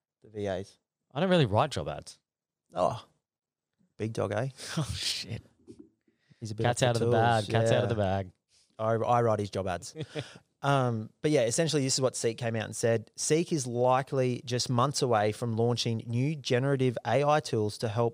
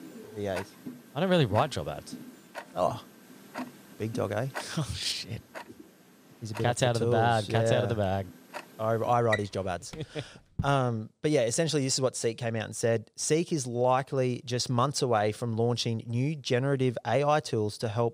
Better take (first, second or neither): first